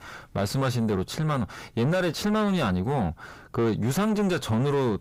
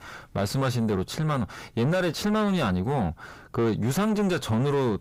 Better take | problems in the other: neither | distortion; heavy; 6 dB below the speech; the same in both

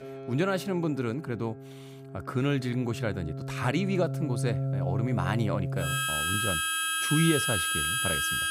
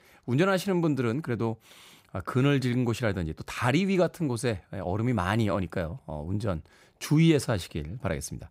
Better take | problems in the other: second | background music; very loud; throughout; 2 dB above the speech

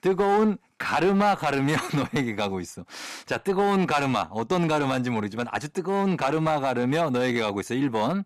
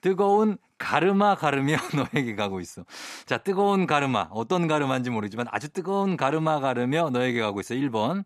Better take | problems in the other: second | distortion; slight; 5% of the sound clipped

